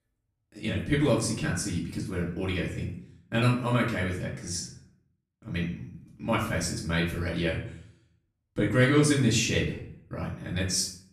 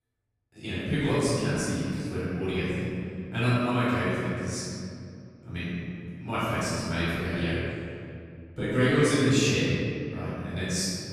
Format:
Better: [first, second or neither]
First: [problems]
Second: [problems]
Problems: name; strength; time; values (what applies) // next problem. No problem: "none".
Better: first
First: room echo; slight; dies away in 0.5 s // off-mic speech; far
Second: room echo; strong; dies away in 2.3 s // off-mic speech; far